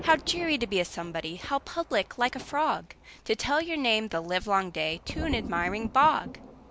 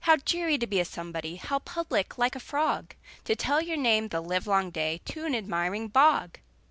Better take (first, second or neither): second